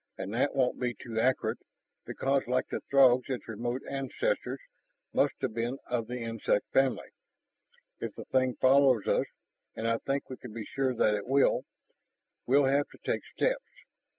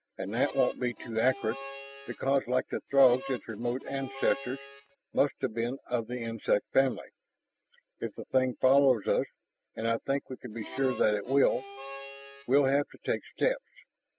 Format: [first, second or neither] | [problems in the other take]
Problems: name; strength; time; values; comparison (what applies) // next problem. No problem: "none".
first | background sound (Harmonica); 14 dB below the speech